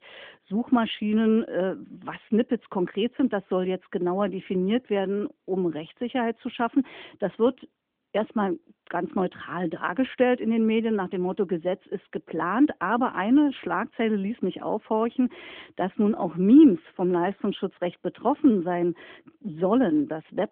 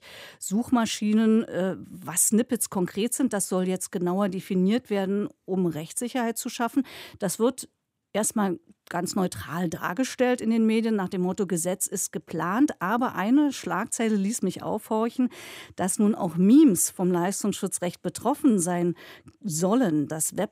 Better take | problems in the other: second | phone-call audio

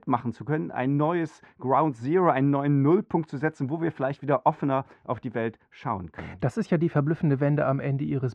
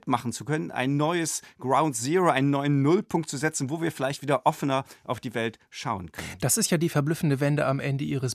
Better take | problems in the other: second | muffled; very; fading above 1.5 kHz

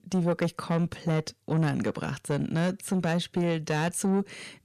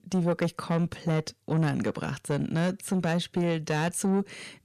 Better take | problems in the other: neither | distortion; slight; 10 dB below the speech; the same in both

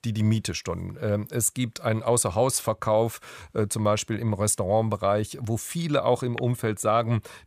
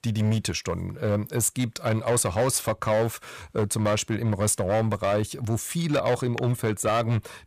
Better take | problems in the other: first | distortion; slight; 10% of the sound clipped

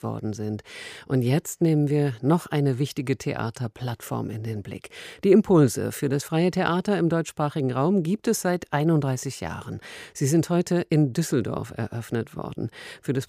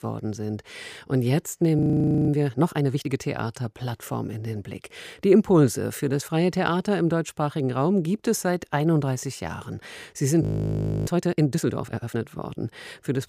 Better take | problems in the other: first | audio freezing; at 2 s and at 10 s for 0.5 s

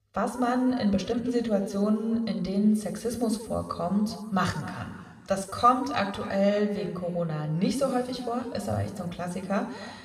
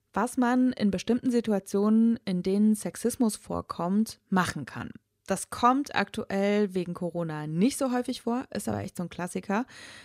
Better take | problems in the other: second | room echo; noticeable; dies away in 1.9 s // off-mic speech; somewhat distant

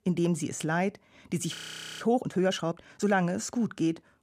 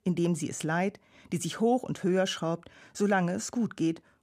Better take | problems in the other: second | audio freezing; at 1.5 s

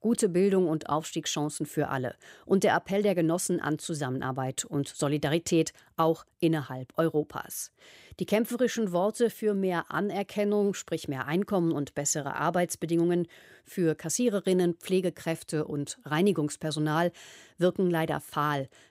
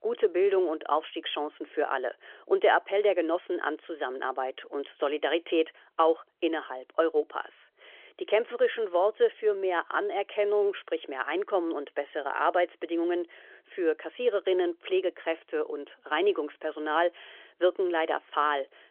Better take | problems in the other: first | phone-call audio; nothing above 3.5 kHz

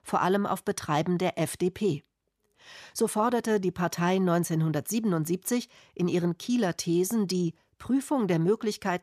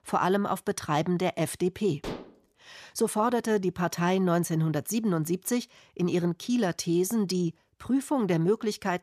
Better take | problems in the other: first | clattering dishes; faint; at 2 s; peak 10 dB below the speech

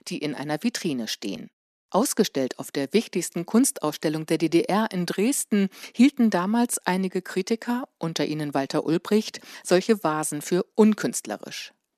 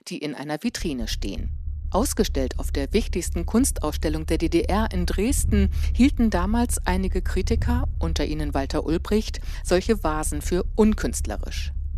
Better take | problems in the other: first | low rumble; faint; throughout; 20 dB below the speech

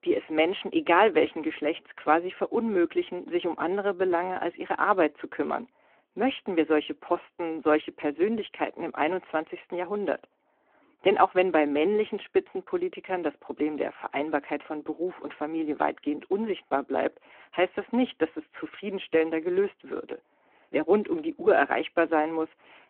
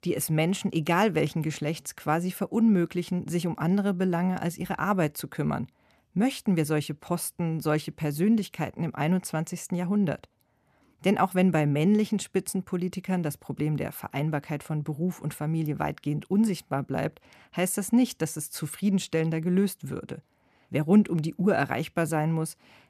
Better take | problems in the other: second | phone-call audio

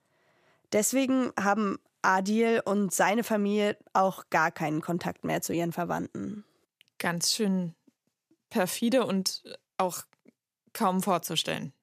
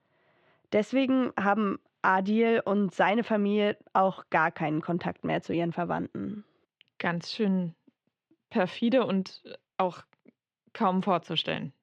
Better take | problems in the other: first | muffled; slightly; fading above 3.5 kHz

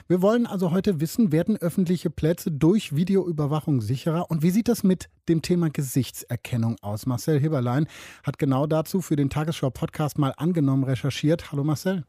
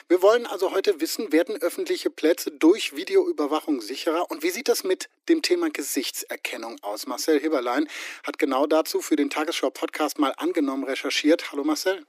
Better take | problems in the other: first | thin; somewhat; fading below 300 Hz

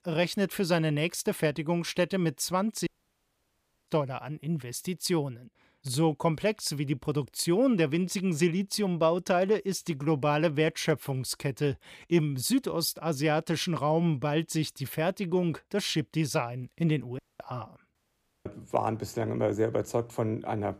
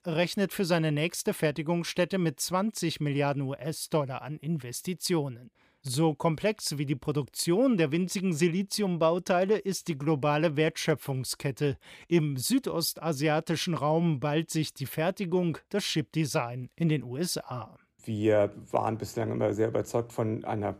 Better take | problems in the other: second | audio cutting out; at 3 s for 1 s, at 17 s and at 18 s for 0.5 s

